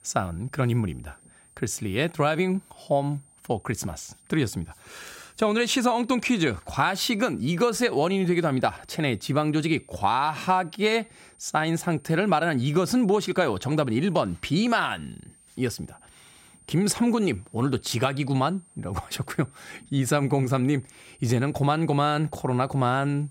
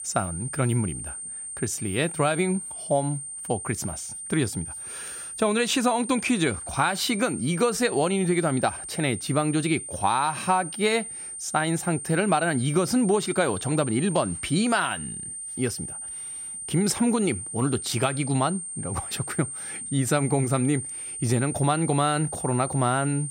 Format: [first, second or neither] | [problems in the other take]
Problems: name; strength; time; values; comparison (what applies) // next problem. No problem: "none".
first | high-pitched whine; loud; throughout; 9 kHz, 8 dB below the speech; faint in the first